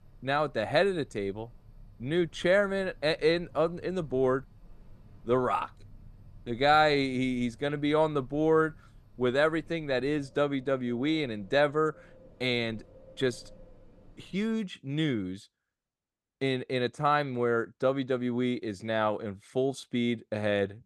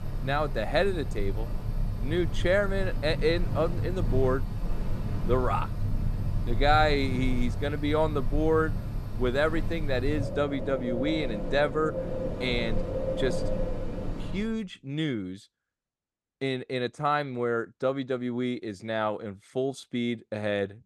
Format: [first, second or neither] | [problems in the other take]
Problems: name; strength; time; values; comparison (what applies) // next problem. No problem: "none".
first | wind in the background; loud; until 14 s; 4 dB below the speech; faint in the first